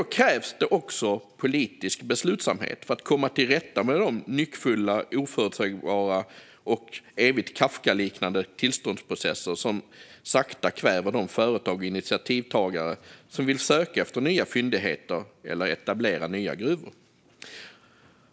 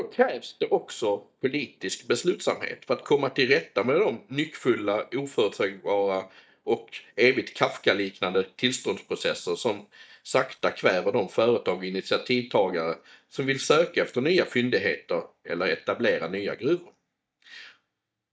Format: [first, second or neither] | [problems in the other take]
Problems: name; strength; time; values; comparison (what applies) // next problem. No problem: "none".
first | noise reduction (neural mask model DeepFilterNet 3)